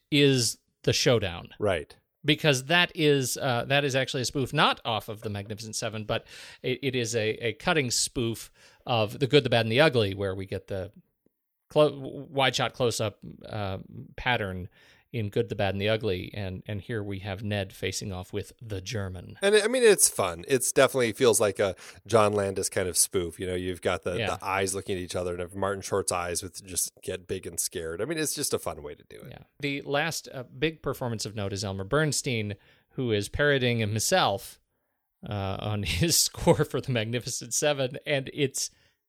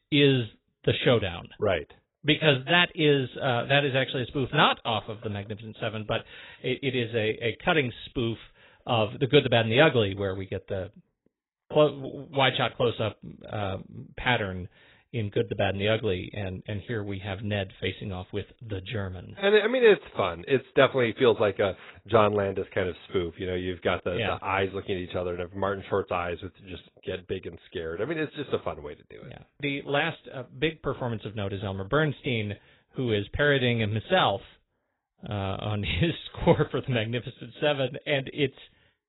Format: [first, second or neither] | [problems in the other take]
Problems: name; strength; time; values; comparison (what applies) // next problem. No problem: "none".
first | garbled, watery; badly; nothing above 4 kHz